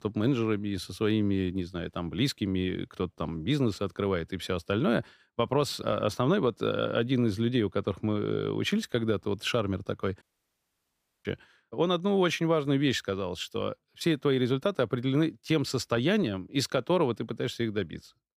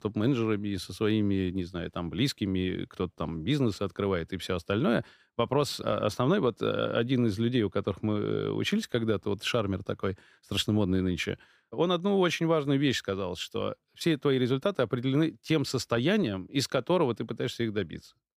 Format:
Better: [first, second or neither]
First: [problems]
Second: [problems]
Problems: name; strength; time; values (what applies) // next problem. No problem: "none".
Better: second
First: audio cutting out; at 10 s for 1 s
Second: none